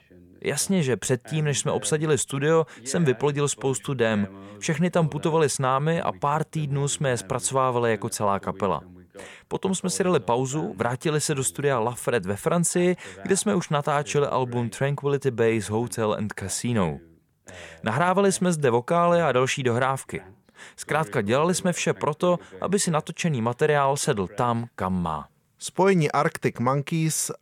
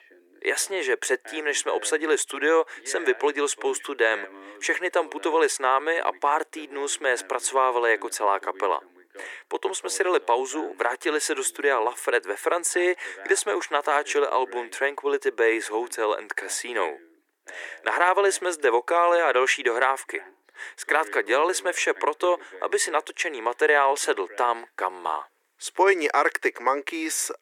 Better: first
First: none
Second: thin; very; fading below 300 Hz

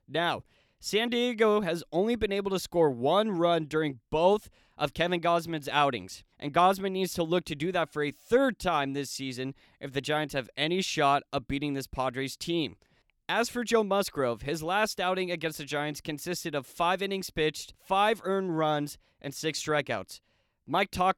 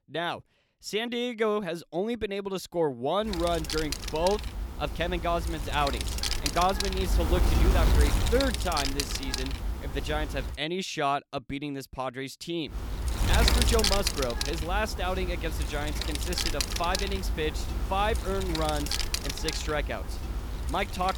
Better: first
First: none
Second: wind noise on the microphone; heavy; from 3.5 to 11 s and from 13 s on; 2 dB below the speech

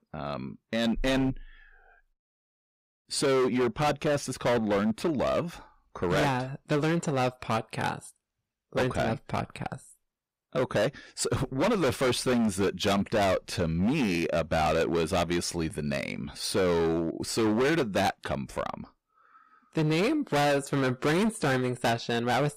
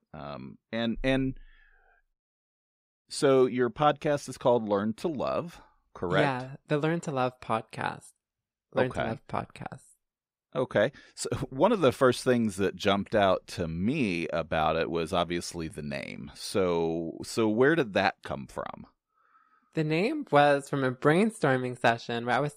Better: second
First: distortion; heavy; 15% of the sound clipped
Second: none

